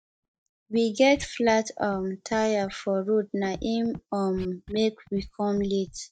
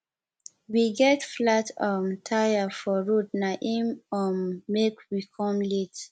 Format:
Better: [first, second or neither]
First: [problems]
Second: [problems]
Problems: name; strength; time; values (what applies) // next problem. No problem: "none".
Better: second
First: noise reduction (neural mask model DeepFilterNet 3)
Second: none